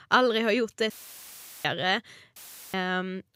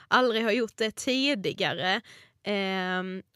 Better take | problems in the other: second | audio cutting out; filled with static; at 1 s for 0.5 s and at 2.5 s

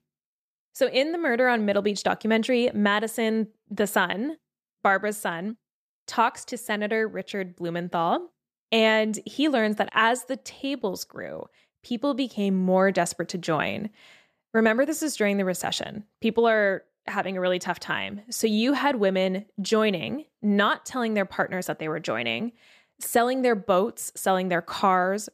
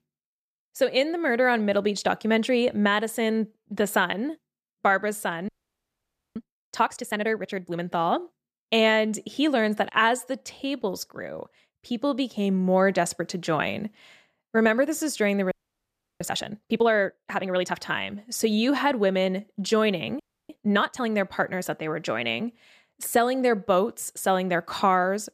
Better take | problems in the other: first | audio freezing; at 5.5 s for 1 s, at 16 s for 0.5 s and at 20 s

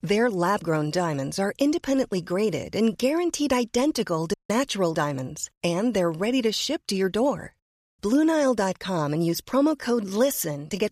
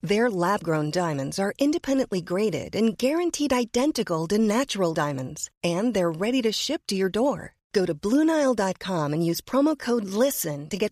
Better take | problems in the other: second | audio cutting out; at 4.5 s and at 7.5 s

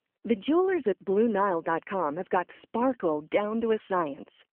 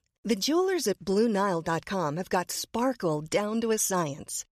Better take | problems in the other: second | phone-call audio; nothing above 3.5 kHz

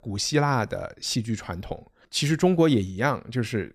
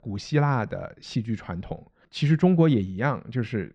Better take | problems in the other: first | muffled; slightly; fading above 3 kHz

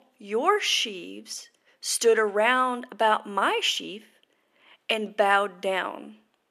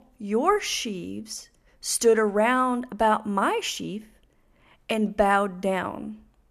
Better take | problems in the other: second | thin; somewhat; fading below 400 Hz

